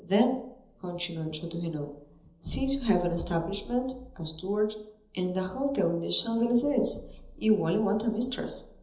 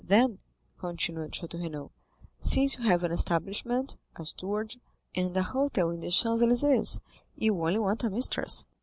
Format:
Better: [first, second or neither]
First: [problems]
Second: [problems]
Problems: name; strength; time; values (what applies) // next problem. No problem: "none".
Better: second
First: room echo; dies away in 1.2 s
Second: none